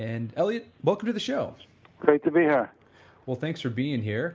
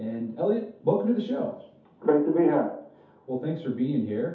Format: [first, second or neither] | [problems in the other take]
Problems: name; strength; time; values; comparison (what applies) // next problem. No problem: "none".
first | room echo; dies away in 0.5 s